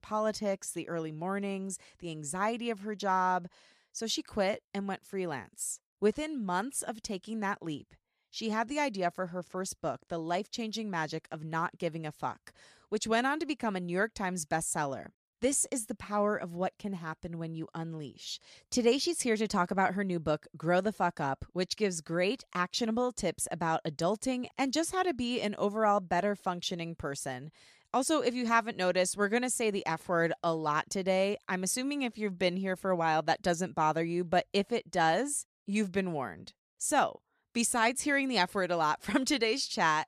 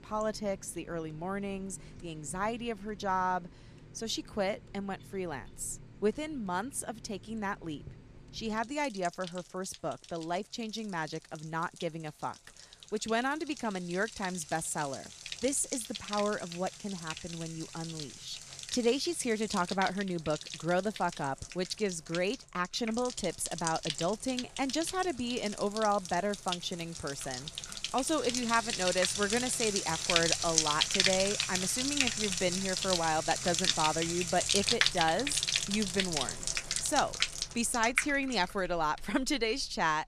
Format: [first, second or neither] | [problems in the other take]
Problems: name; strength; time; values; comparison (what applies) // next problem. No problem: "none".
first | household noises; loud; throughout; as loud as the speech